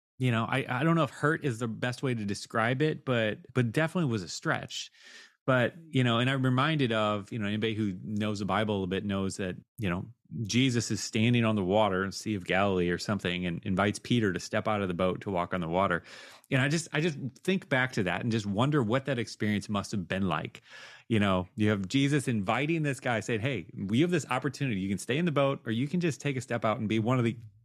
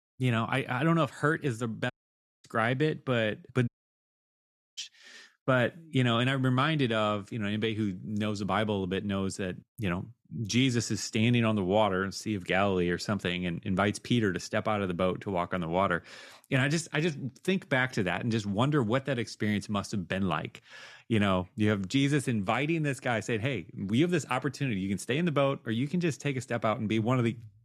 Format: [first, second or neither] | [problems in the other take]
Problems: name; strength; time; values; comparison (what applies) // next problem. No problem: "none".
first | audio cutting out; at 2 s for 0.5 s and at 3.5 s for 1 s